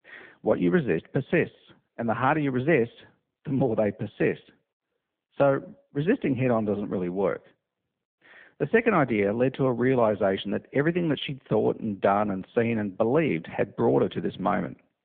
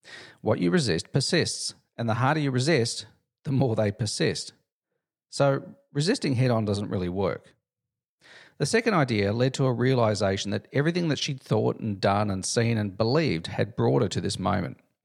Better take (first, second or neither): second